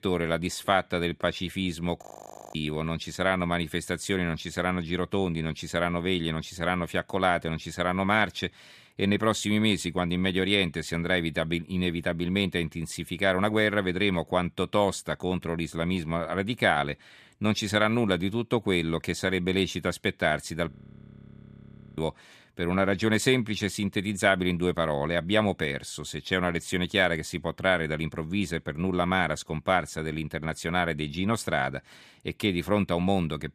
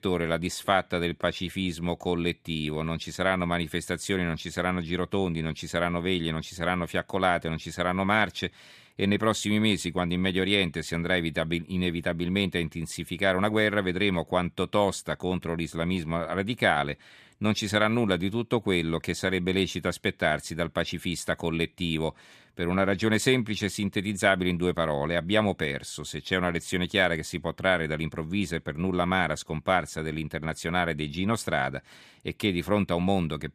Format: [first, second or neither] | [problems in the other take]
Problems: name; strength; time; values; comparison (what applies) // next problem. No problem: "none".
second | audio freezing; at 2 s for 0.5 s and at 21 s for 1.5 s